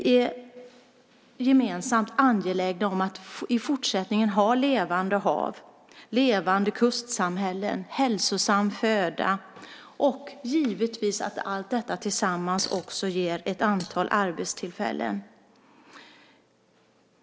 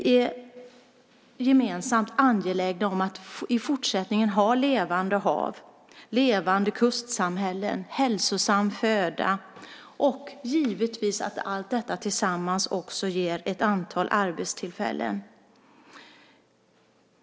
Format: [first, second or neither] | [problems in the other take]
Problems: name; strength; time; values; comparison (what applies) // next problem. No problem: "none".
second | background sound (Fart); 20 dB below the speech